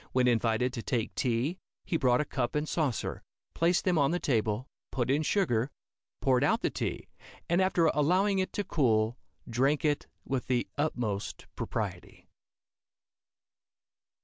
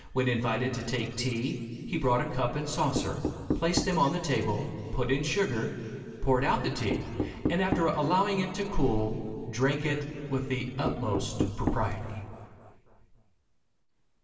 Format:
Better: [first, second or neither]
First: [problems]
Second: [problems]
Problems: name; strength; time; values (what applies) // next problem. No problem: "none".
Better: first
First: none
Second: background sound (Knock); 9 dB below the speech // room echo; dies away in 2.5 s